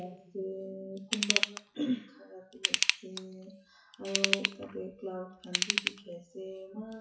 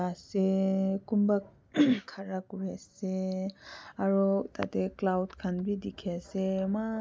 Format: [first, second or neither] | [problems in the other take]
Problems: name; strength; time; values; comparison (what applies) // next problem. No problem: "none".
second | noise reduction (classical method WPE with log-MMSE)